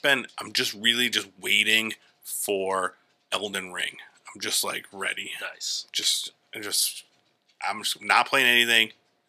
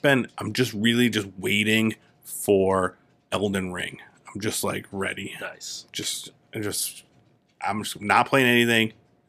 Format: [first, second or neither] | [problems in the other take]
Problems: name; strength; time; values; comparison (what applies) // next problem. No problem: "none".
second | thin; somewhat; fading below 1 kHz